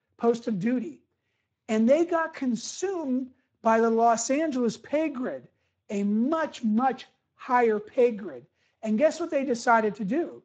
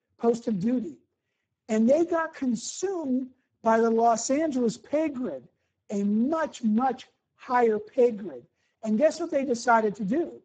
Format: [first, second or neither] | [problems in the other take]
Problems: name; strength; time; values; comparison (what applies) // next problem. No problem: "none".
first | garbled, watery; badly; nothing above 7.5 kHz; slightly in the first